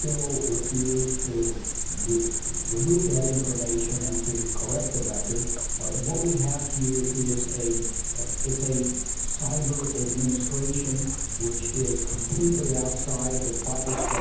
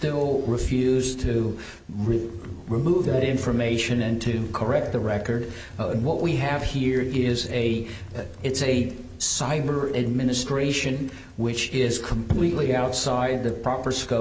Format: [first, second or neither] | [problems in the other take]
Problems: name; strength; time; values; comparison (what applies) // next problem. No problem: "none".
second | background sound (Cricket); 1 dB above the speech // room echo; dies away in 0.7 s